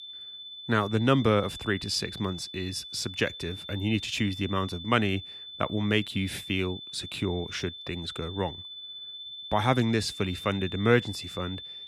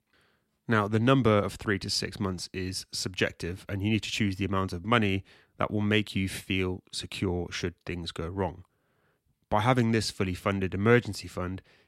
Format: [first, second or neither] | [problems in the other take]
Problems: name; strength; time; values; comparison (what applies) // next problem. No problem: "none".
second | high-pitched whine; noticeable; throughout; 3.5 kHz, 10 dB below the speech